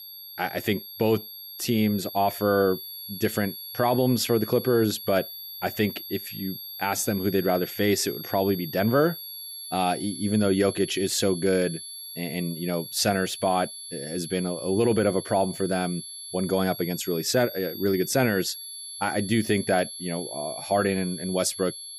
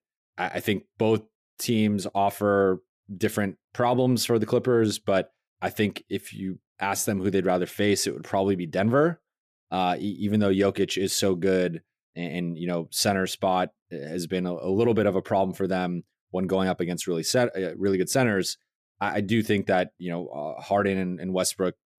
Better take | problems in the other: second | high-pitched whine; noticeable; throughout; 11.5 kHz, 10 dB below the speech

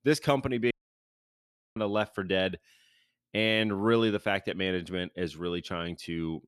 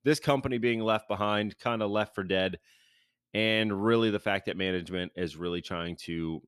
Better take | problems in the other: second | audio cutting out; at 0.5 s for 1 s

